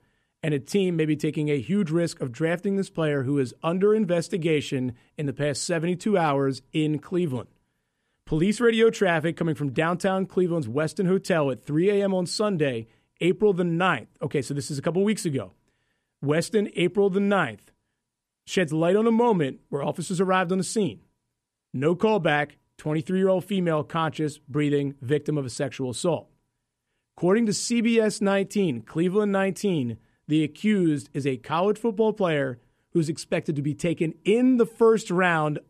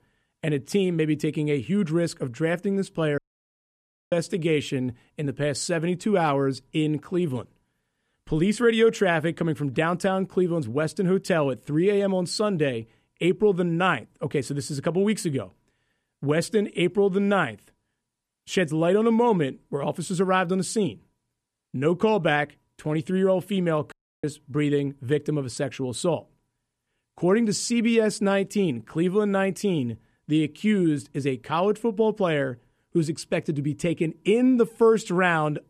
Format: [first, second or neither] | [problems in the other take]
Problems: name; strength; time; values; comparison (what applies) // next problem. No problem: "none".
first | audio cutting out; at 3 s for 1 s and at 24 s